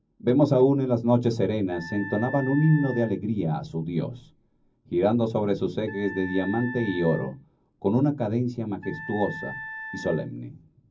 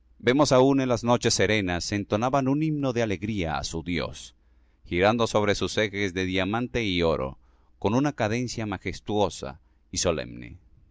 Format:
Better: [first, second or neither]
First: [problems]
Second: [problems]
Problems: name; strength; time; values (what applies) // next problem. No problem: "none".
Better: second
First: background sound (Wind instrument, woodwind instrument); 14 dB below the speech // room echo; dies away in 0.4 s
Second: none